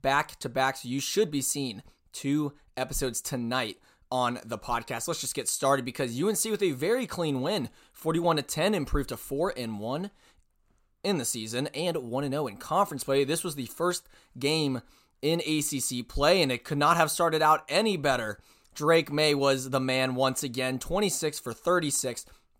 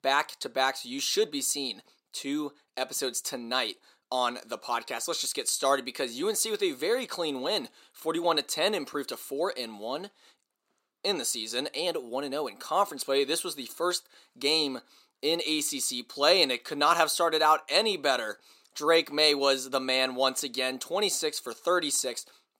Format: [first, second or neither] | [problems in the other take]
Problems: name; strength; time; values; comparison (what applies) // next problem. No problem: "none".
first | thin; very slightly; fading below 300 Hz